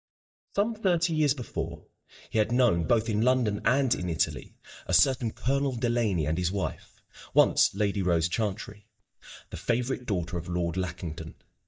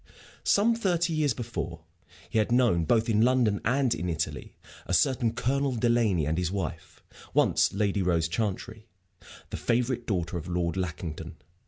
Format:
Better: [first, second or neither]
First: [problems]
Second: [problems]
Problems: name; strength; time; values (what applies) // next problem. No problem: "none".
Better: second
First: noise reduction (neural mask model DeepFilterNet 3)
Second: none